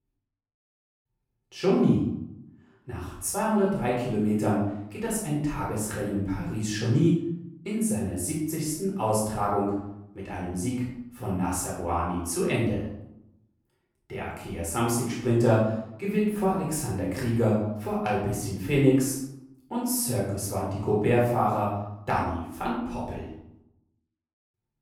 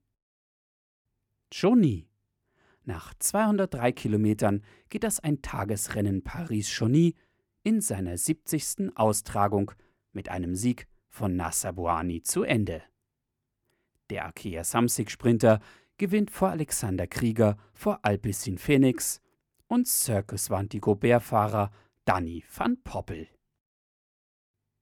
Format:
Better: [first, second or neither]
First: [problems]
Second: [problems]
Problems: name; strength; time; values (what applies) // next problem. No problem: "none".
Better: second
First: off-mic speech; far // room echo; noticeable; dies away in 0.7 s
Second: none